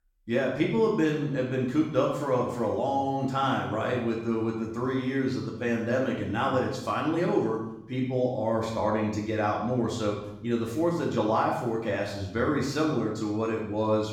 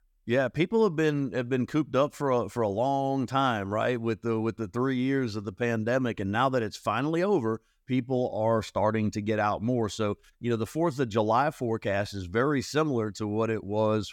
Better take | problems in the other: second | room echo; noticeable; dies away in 0.7 s // off-mic speech; far

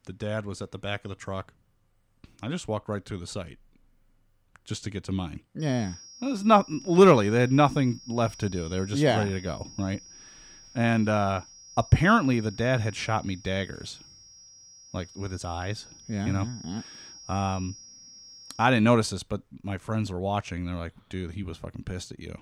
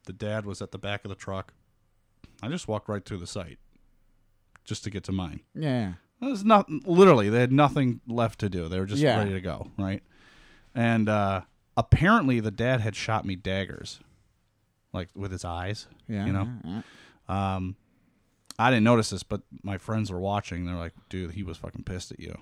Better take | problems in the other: second | high-pitched whine; noticeable; from 5.5 to 19 s; 5.5 kHz, 20 dB below the speech

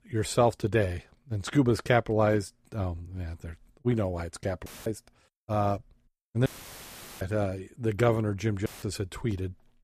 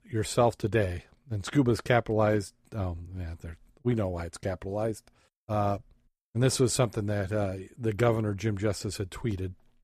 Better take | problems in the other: second | audio cutting out; filled with static; at 4.5 s, at 6.5 s for 1 s and at 8.5 s

